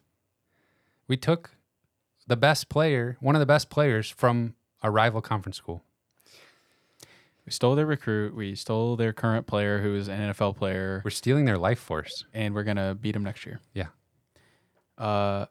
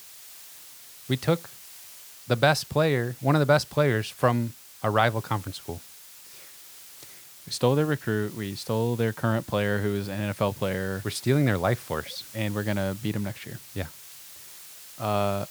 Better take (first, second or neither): first